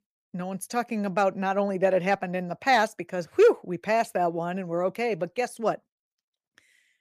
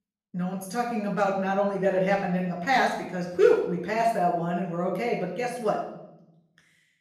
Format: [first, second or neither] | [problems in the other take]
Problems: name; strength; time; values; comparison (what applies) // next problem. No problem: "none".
first | off-mic speech; far // room echo; noticeable; dies away in 0.8 s